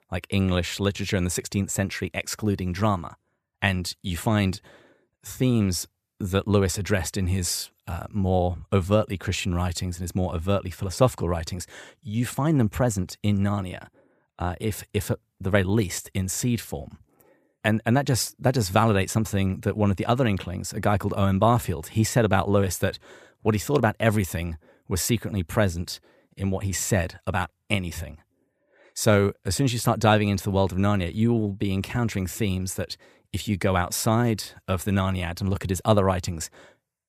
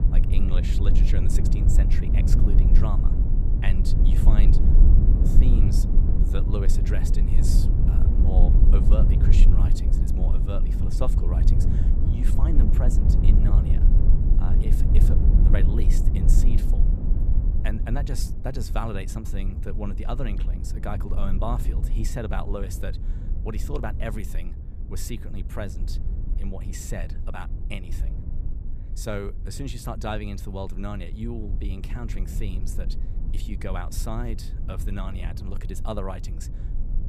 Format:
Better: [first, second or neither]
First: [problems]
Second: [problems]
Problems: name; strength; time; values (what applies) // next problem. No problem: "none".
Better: first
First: none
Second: low rumble; loud; throughout; 2 dB below the speech